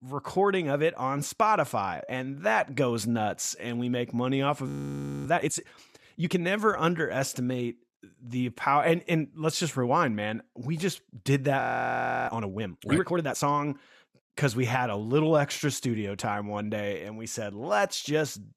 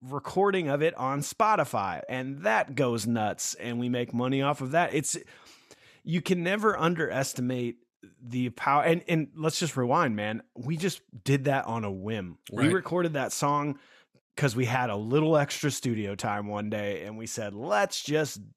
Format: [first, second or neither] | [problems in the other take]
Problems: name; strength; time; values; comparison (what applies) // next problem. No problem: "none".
second | audio freezing; at 4.5 s for 0.5 s and at 12 s for 0.5 s